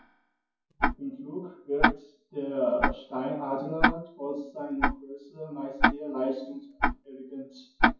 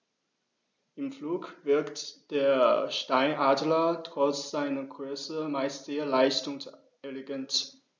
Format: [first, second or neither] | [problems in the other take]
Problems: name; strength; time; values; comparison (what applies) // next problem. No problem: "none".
second | noise reduction (classical method WPE with log-MMSE)